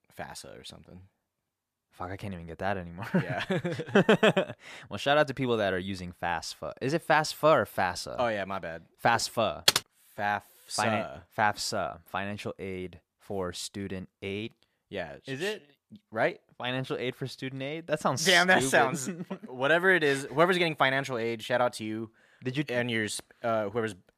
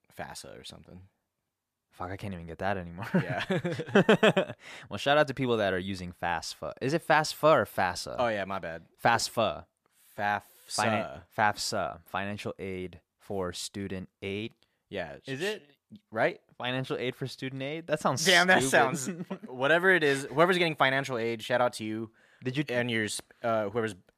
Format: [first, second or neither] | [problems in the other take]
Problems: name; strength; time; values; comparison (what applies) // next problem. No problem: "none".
second | keyboard typing; loud; at 9.5 s; peak 4 dB above the speech